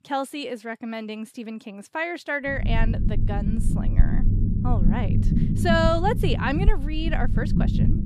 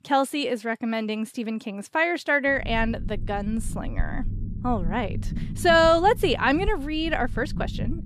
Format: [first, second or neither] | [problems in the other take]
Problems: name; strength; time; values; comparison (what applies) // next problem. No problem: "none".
second | low rumble; loud; from 2.5 s on; 8 dB below the speech; faint in the second